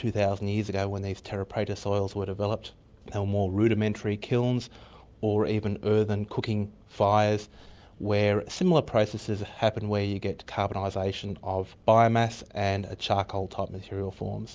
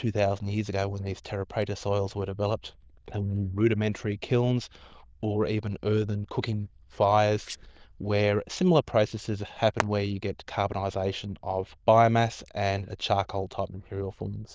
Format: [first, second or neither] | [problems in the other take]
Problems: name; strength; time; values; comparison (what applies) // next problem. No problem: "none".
first | noise reduction (neural diffusion model UNIVERSE++)